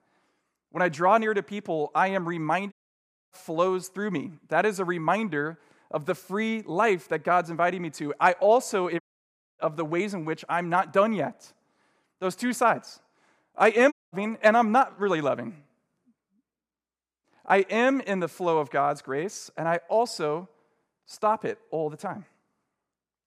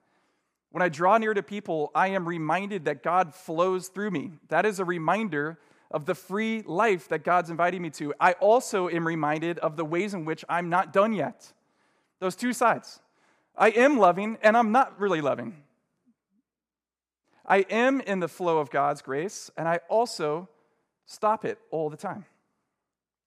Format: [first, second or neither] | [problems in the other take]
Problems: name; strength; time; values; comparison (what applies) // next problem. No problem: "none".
second | audio cutting out; at 2.5 s for 0.5 s, at 9 s for 0.5 s and at 14 s